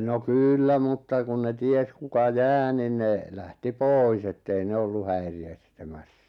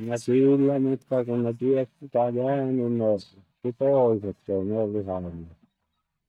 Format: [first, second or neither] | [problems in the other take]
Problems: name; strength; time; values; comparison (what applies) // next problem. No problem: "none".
first | noise reduction (neural mask model DeepFilterNet 3)